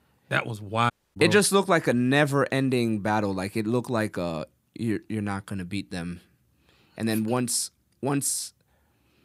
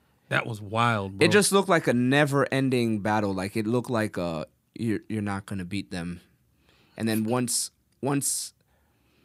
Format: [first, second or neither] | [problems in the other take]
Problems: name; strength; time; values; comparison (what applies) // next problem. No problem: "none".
second | audio cutting out; at 1 s